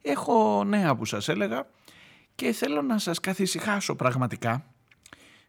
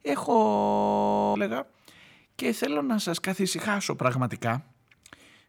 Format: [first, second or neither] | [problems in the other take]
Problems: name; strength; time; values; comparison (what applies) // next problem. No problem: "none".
first | audio freezing; at 0.5 s for 1 s